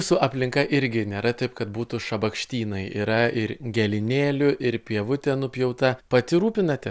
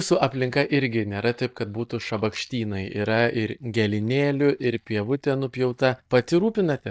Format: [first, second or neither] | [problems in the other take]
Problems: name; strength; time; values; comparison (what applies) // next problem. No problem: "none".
first | noise reduction (neural mask model DeepFilterNet 3)